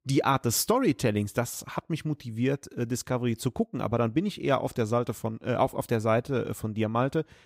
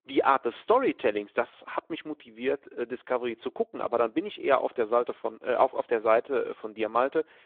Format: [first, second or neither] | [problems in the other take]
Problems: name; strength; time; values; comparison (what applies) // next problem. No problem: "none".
first | phone-call audio